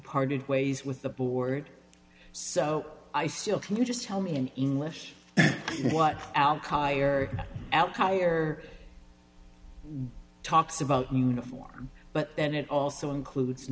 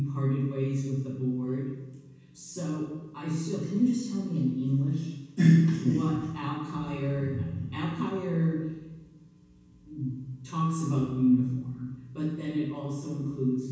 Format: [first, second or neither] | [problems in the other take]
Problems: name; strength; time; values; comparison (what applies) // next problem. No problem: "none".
first | room echo; dies away in 1.2 s